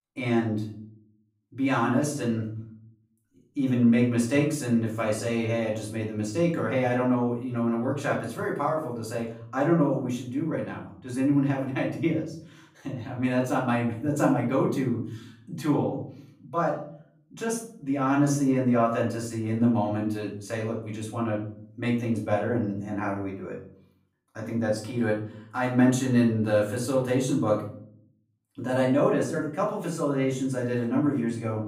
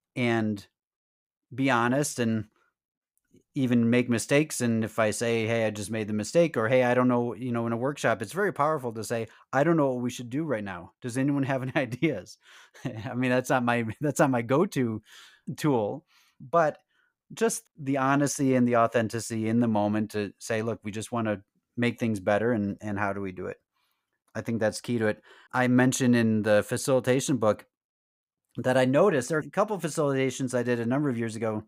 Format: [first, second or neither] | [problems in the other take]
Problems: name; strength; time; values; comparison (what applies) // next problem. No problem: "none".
second | room echo; slight; dies away in 0.6 s // off-mic speech; far